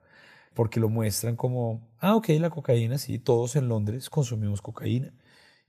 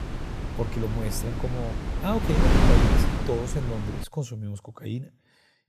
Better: first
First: none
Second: wind noise on the microphone; heavy; until 4 s; 3 dB above the speech

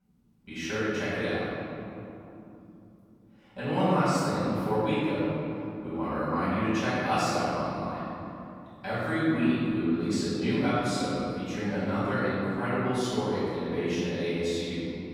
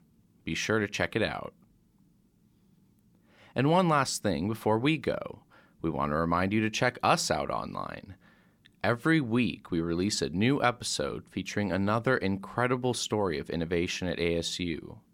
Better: second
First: off-mic speech; far // room echo; strong; dies away in 3 s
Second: none

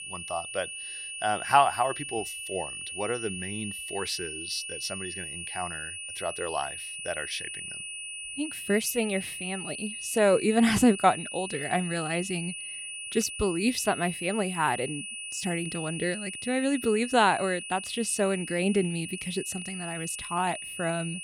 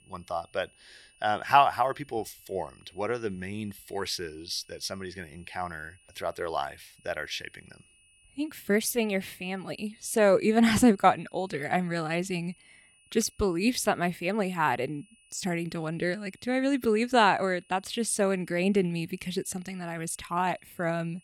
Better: second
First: high-pitched whine; loud; throughout; 2.5 kHz, 7 dB below the speech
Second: high-pitched whine; faint; throughout; 2.5 kHz, 30 dB below the speech

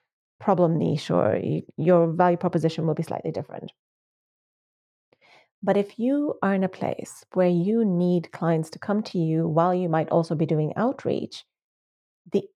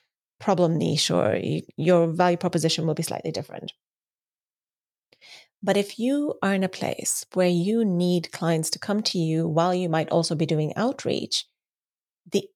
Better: second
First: muffled; very; fading above 2.5 kHz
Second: none

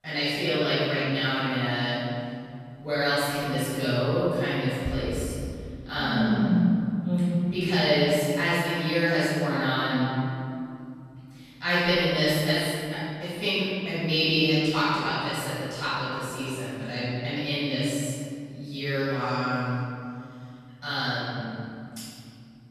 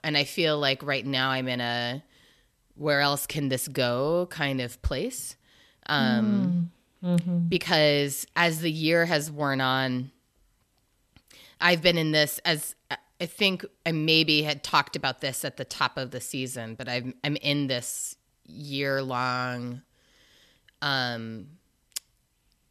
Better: second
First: off-mic speech; far // room echo; strong; dies away in 2.6 s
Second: none

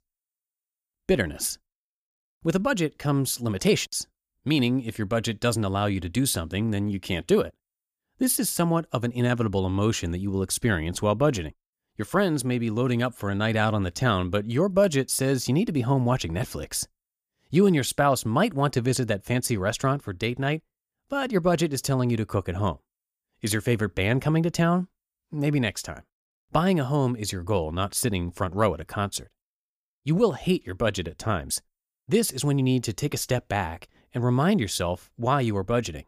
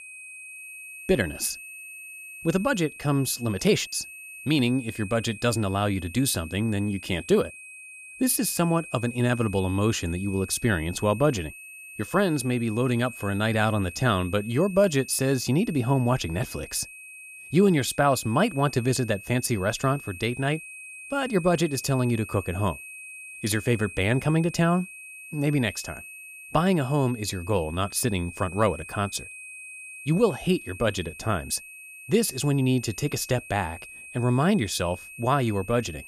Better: first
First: none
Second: high-pitched whine; noticeable; throughout; 2.5 kHz, 15 dB below the speech

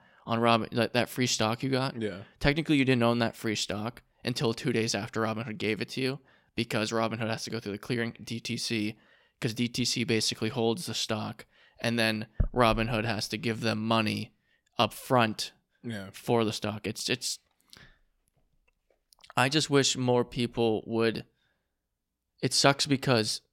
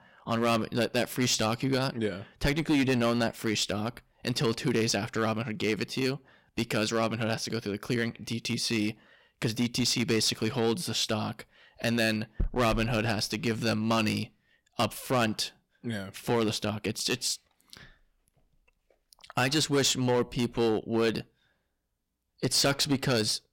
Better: first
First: none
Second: distortion; heavy; 6% of the sound clipped

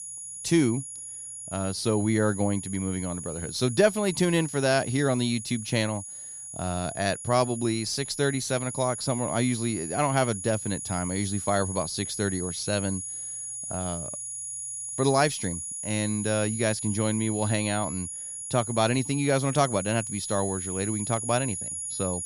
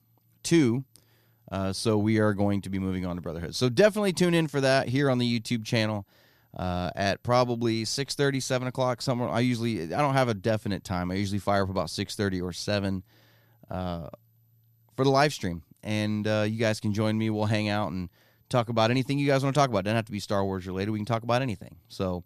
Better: second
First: high-pitched whine; loud; throughout; 10 kHz, 6 dB below the speech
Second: none

